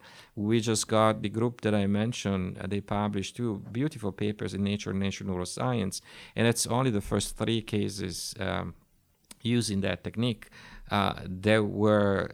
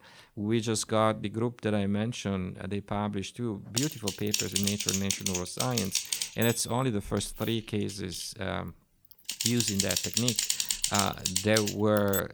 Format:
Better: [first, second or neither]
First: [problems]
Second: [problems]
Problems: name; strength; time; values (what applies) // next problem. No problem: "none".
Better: first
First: none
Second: keyboard typing; loud; from 4 s on; peak 4 dB above the speech